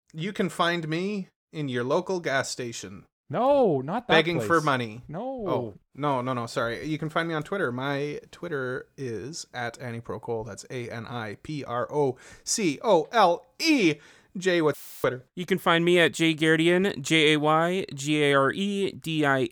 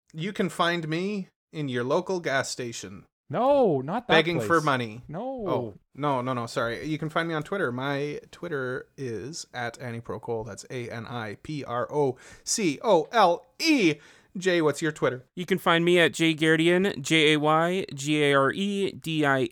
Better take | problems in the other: second | audio cutting out; filled with static; at 15 s

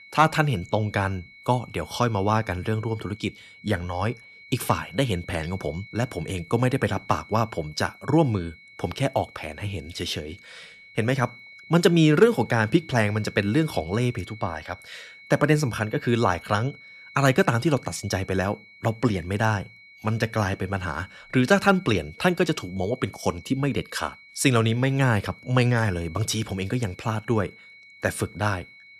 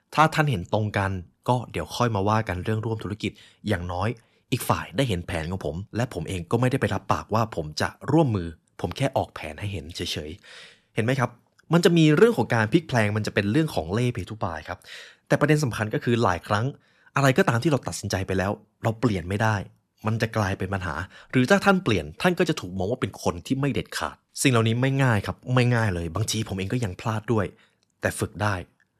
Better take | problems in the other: second | high-pitched whine; faint; throughout; 2 kHz, 20 dB below the speech

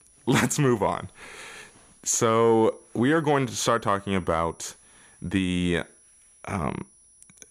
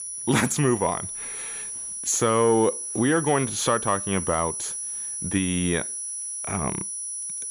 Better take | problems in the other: first | high-pitched whine; loud; throughout; 10 kHz, 5 dB below the speech; faint in the first

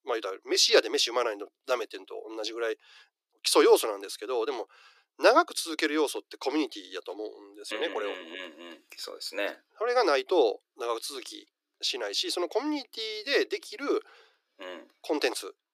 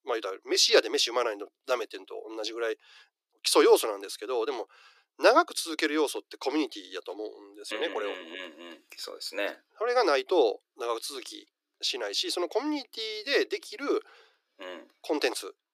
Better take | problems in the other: neither | thin; very; fading below 300 Hz; the same in both

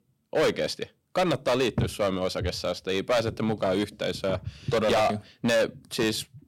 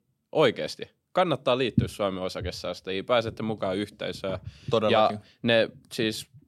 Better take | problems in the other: second | distortion; heavy; 9% of the sound clipped

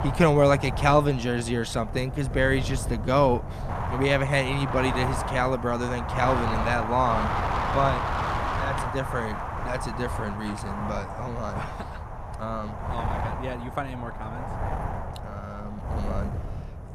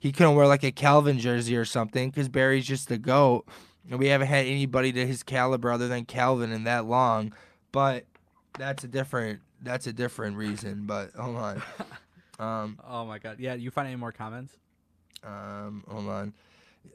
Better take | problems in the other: second | wind noise on the microphone; heavy; 4 dB below the speech

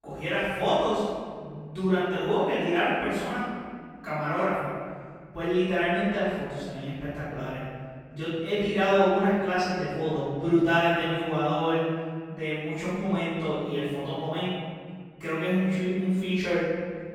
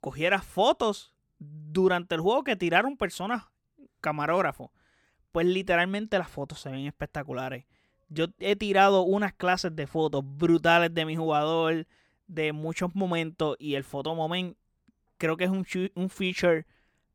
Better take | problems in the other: second | off-mic speech; far // room echo; strong; dies away in 2.2 s

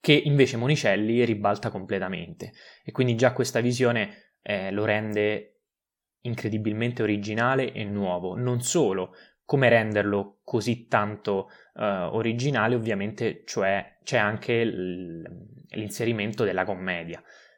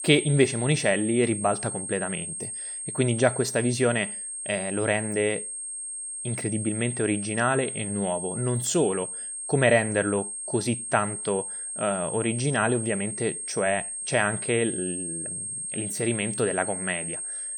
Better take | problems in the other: first | high-pitched whine; loud; throughout; 8.5 kHz, 5 dB below the speech

